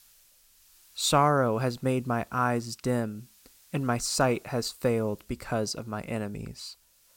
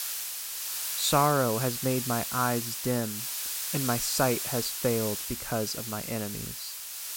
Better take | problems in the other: first | hiss; loud; throughout; 2 dB below the speech; faint in the first

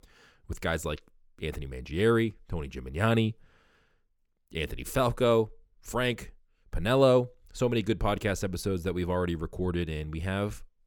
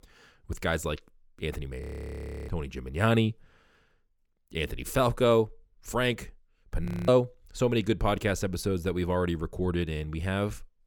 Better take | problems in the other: first | audio freezing; at 2 s for 0.5 s and at 7 s

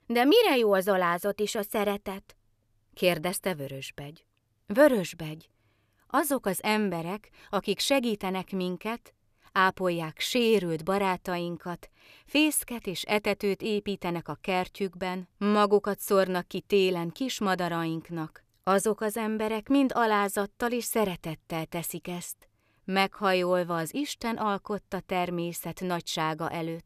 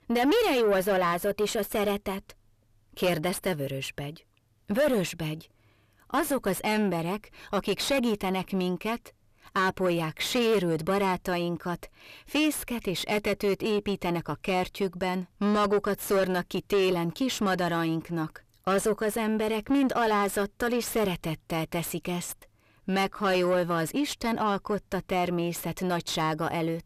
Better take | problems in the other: first | distortion; heavy; 7 dB below the speech

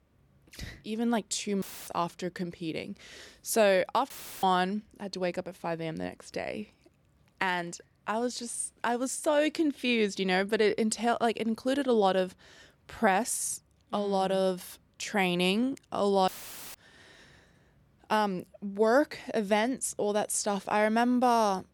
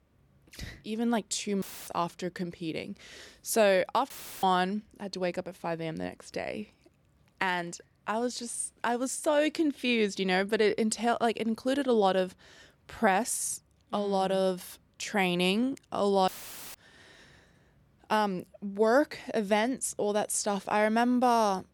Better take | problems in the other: neither | audio cutting out; filled with static; at 1.5 s, at 4 s and at 16 s; the same in both

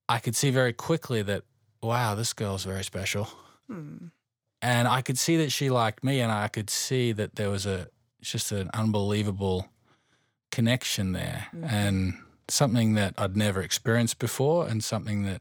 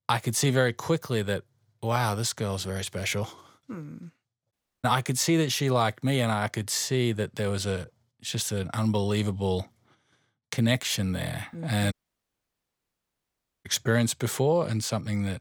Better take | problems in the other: first | audio cutting out; at 4.5 s and at 12 s for 1.5 s

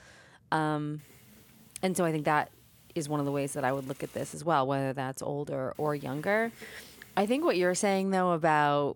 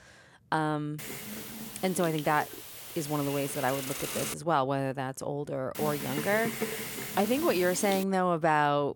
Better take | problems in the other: first | hiss; loud; from 1 to 4.5 s and from 6 to 8 s; 7 dB below the speech; faint in the first

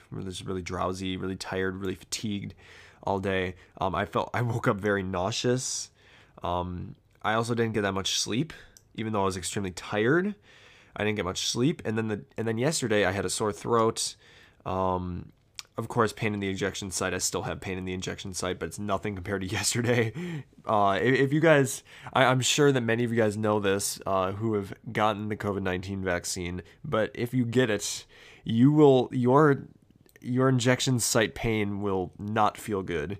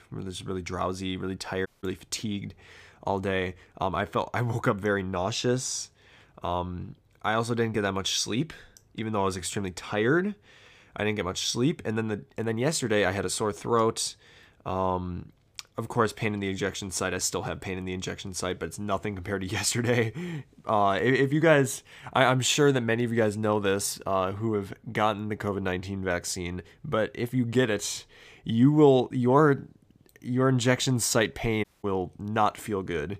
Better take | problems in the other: first | audio cutting out; at 1.5 s and at 32 s

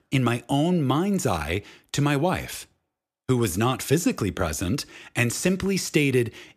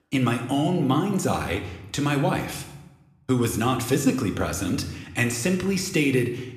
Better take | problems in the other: first | room echo; slight; dies away in 0.8 s

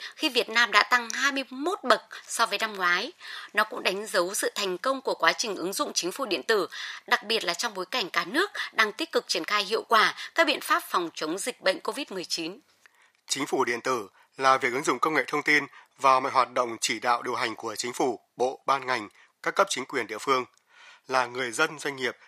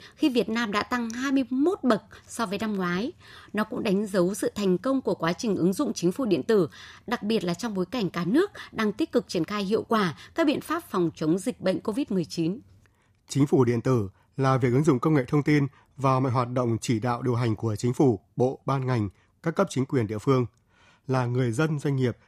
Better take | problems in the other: second | thin; very; fading below 750 Hz

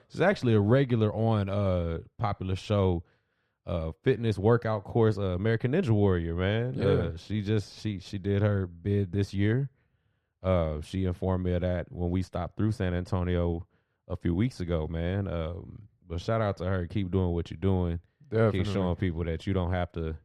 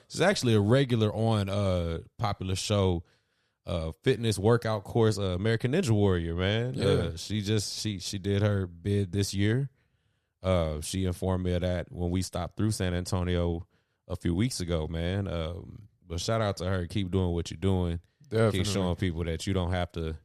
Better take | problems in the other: second | muffled; slightly; fading above 4 kHz

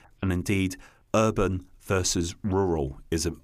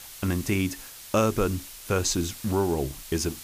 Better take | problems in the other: first | hiss; noticeable; throughout; 15 dB below the speech

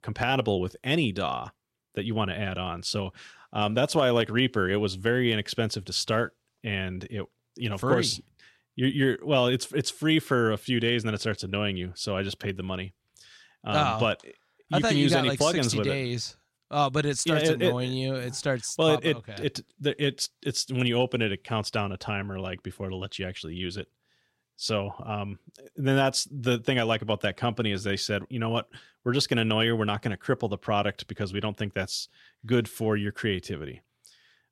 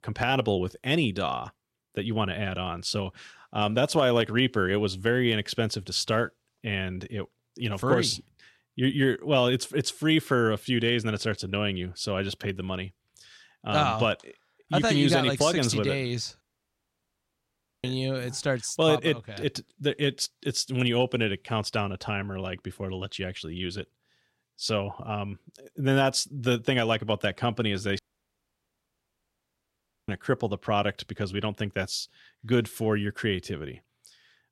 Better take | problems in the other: first | audio cutting out; at 16 s for 1.5 s and at 28 s for 2 s

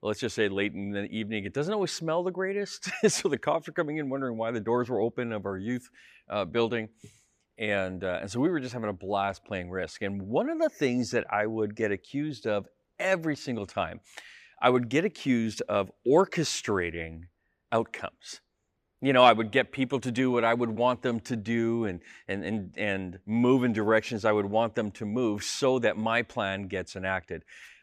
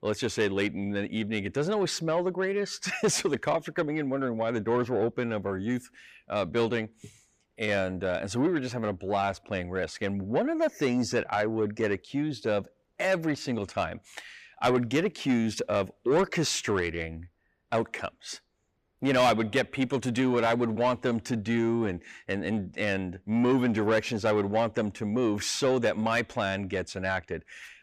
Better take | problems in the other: first | distortion; slight; 10 dB below the speech

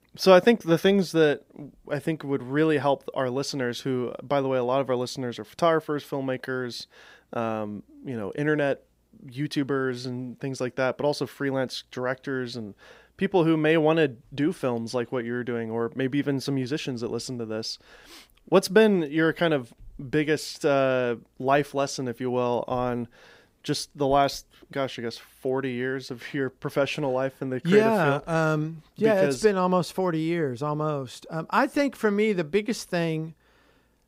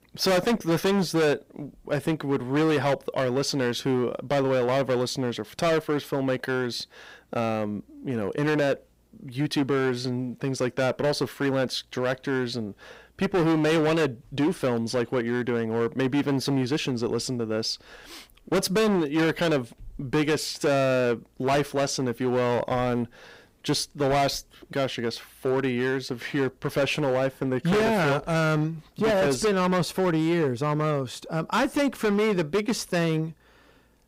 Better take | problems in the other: first | distortion; heavy; 13% of the sound clipped

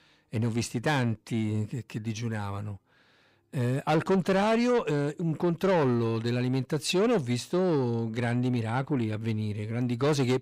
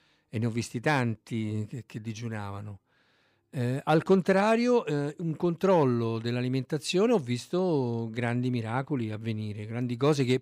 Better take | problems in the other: second | distortion; slight; 10 dB below the speech

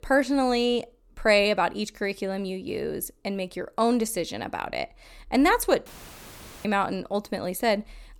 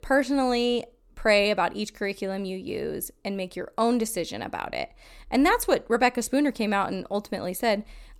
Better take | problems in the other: second | audio cutting out; filled with static; at 6 s for 1 s

